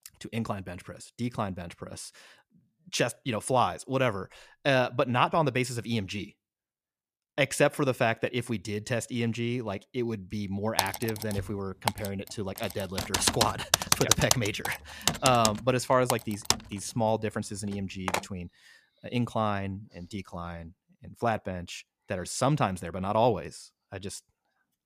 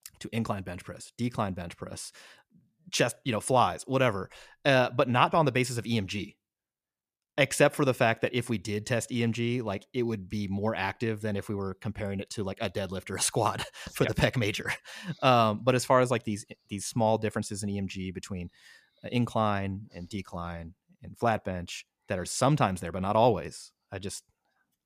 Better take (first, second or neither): second